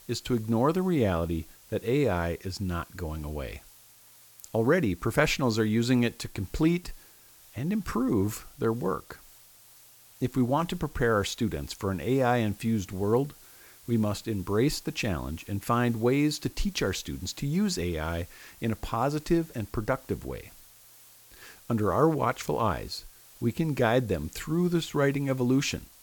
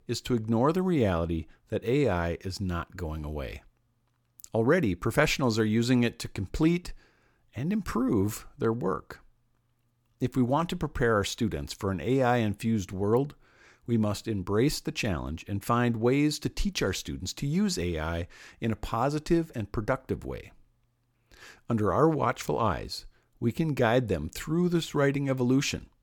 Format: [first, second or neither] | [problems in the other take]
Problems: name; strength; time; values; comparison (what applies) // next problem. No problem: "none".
second | hiss; faint; throughout; 25 dB below the speech